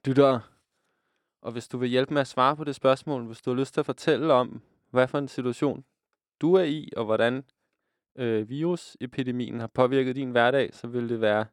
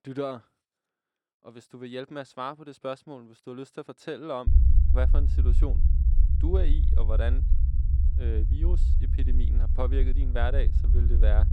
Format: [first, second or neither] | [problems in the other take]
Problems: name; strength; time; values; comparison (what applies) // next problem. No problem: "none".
first | low rumble; loud; from 4.5 s on; 8 dB below the speech